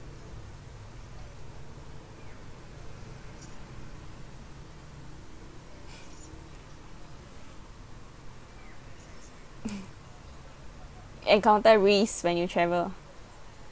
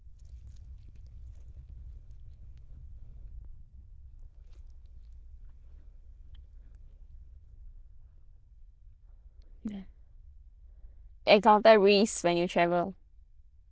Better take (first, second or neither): first